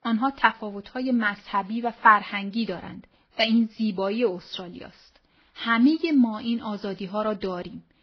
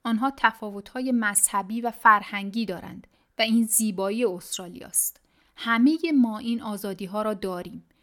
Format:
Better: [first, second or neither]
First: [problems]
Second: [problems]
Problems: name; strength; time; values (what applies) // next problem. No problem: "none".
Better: second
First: garbled, watery; badly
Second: none